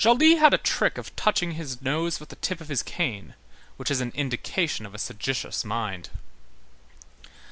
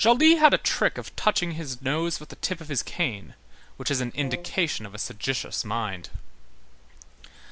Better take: first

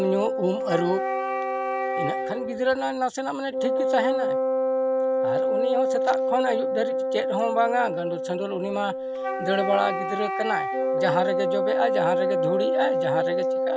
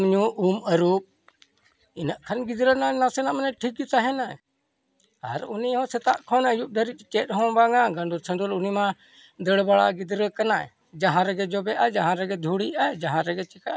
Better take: second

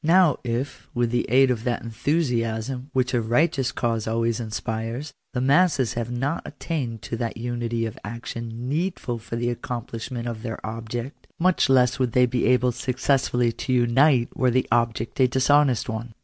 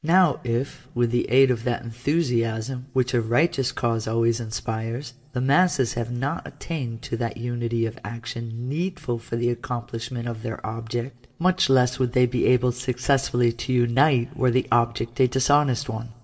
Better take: first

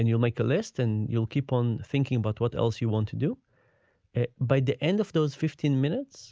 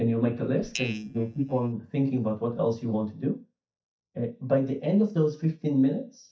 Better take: first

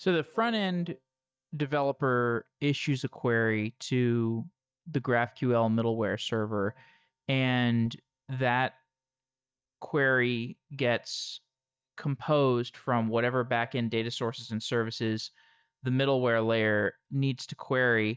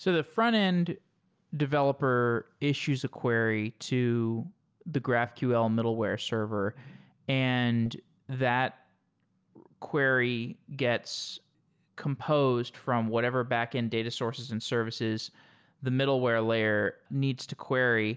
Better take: second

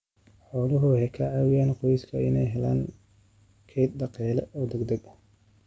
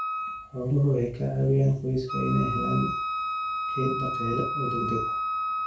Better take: first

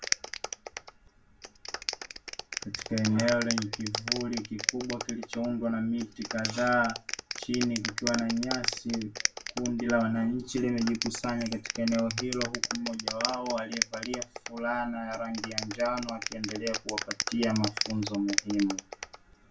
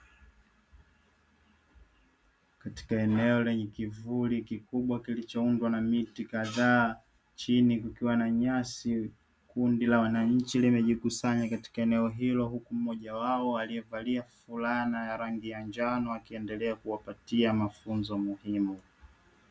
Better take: second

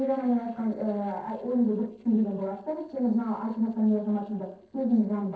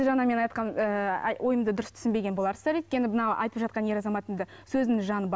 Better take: second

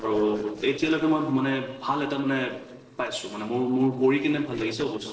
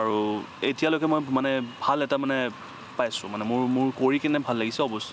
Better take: second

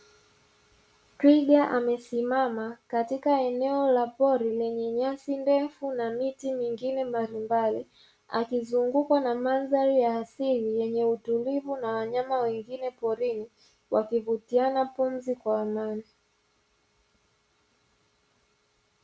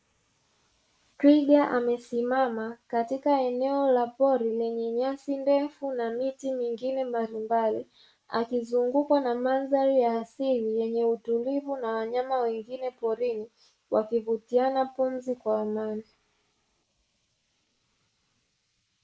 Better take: first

